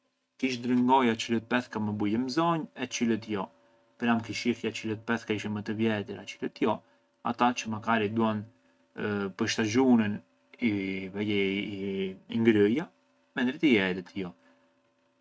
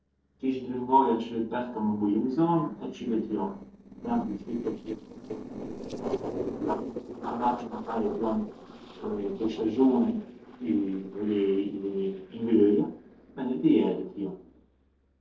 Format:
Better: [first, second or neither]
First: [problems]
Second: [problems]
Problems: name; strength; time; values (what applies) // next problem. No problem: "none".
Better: first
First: none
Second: noise reduction (neural separator model SepFormer DNS4)